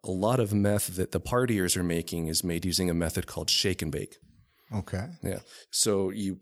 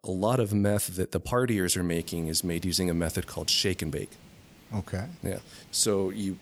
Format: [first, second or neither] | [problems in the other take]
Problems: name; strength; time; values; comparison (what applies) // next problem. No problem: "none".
first | hiss; faint; from 2 s on; 25 dB below the speech